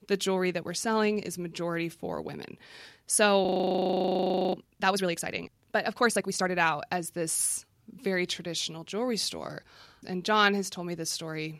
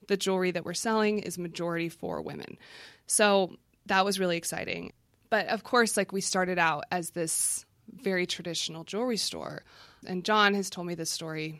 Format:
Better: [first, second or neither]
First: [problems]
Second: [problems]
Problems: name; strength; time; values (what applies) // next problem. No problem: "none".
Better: second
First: audio freezing; at 3.5 s for 1 s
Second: none